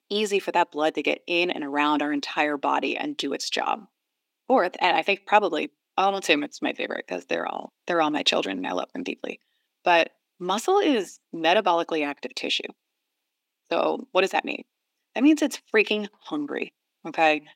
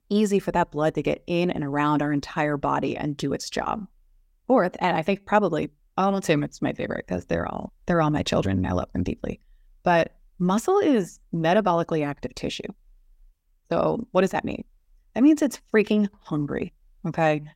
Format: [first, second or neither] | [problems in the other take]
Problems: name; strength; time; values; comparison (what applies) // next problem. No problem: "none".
second | thin; very slightly; fading below 300 Hz